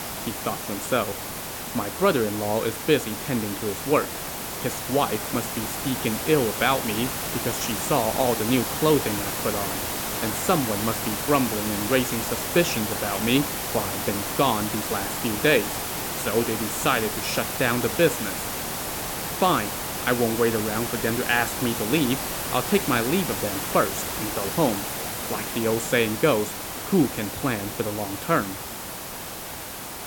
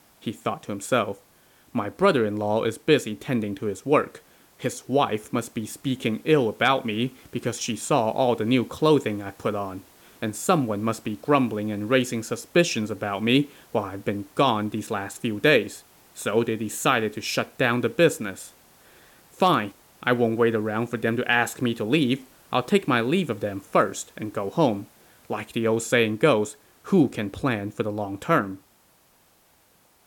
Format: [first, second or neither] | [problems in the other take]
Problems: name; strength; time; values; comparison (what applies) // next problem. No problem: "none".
second | hiss; loud; throughout; 3 dB below the speech; faint in the second